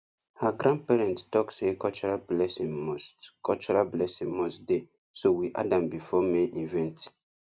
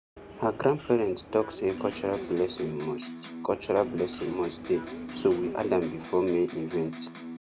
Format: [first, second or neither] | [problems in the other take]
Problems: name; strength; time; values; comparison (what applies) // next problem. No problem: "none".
first | background sound (Electric guitar + Subway, metro, underground); 11 dB below the speech